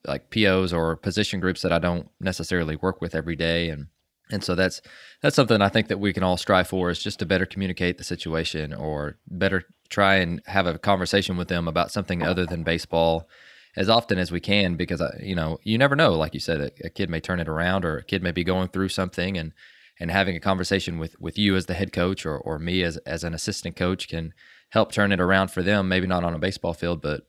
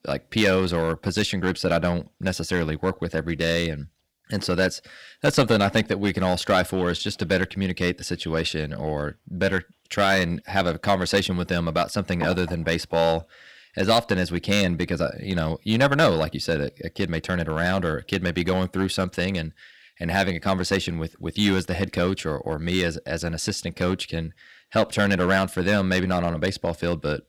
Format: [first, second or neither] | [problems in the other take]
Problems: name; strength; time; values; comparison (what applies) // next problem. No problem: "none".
first | distortion; slight; 2% of the sound clipped